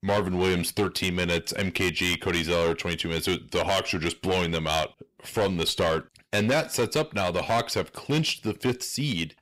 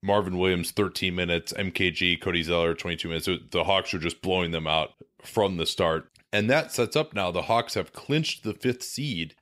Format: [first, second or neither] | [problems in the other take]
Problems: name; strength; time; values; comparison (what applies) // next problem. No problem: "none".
second | distortion; heavy; 9% of the sound clipped